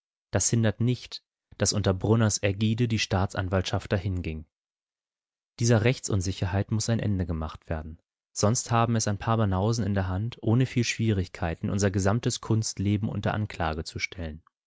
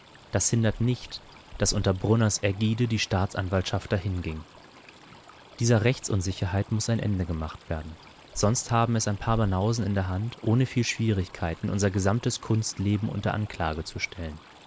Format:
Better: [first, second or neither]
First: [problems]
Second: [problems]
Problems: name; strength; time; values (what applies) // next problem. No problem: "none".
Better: first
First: none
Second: background sound (Stream); 18 dB below the speech